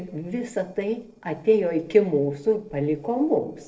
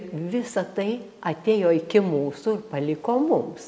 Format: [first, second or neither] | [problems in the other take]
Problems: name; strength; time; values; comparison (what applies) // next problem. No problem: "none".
second | noise reduction (neural separator model SepFormer DNS4)